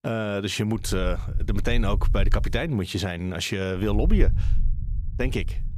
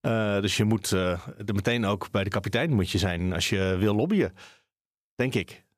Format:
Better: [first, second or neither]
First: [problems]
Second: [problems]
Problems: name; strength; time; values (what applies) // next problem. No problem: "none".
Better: second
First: low rumble; noticeable; from 1 to 2.5 s and from 4 s on; 20 dB below the speech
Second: none